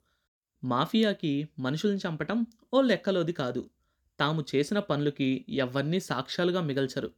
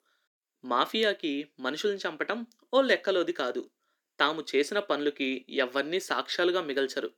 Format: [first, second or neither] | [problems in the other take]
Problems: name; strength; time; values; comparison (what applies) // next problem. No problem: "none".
first | thin; somewhat; fading below 350 Hz